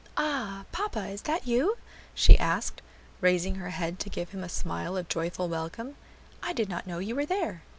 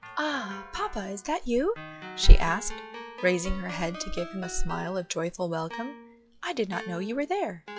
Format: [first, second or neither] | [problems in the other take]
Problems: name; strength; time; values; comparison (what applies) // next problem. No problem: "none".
first | noise reduction (classical method log-MMSE)